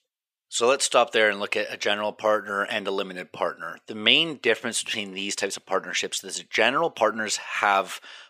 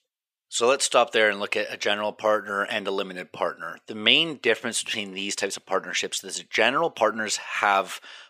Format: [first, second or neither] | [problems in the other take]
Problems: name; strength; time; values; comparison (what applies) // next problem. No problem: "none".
neither | thin; very; fading below 550 Hz; the same in both